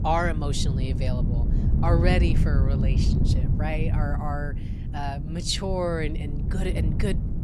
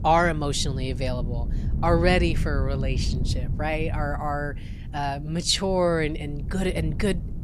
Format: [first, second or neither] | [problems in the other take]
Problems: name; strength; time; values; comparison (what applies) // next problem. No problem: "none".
second | wind noise on the microphone; heavy; 7 dB below the speech; occasional gusts in the second